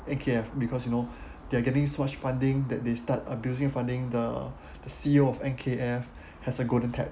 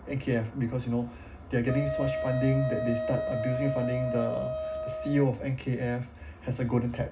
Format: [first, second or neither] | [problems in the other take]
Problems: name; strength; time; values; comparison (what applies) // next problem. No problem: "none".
first | background sound (Wind instrument, woodwind instrument); 5 dB below the speech // room echo; dies away in 0.4 s